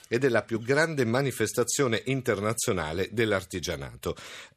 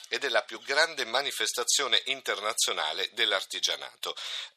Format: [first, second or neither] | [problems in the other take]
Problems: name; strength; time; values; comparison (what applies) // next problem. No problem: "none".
first | thin; very; fading below 800 Hz